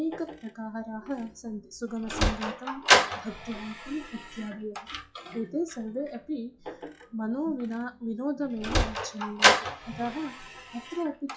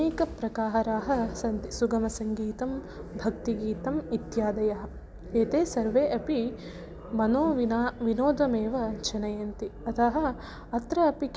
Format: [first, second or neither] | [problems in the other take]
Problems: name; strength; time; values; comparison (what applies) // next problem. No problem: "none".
second | noise reduction (classical method WPE with log-MMSE)